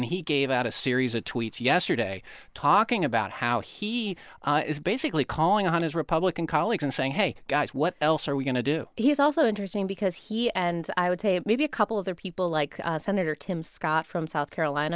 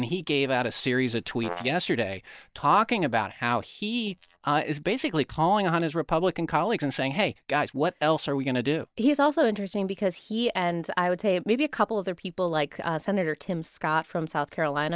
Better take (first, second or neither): first